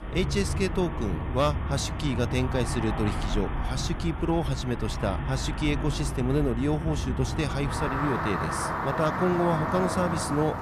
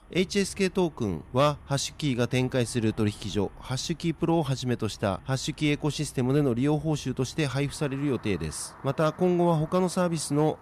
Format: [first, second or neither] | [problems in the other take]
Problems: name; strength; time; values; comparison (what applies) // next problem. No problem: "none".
second | traffic noise; loud; throughout; 2 dB below the speech; faint in the second